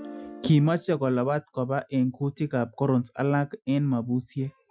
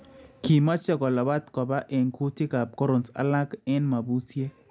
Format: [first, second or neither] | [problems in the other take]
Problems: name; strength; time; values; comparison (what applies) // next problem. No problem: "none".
second | noise reduction (classical method Wiener filter)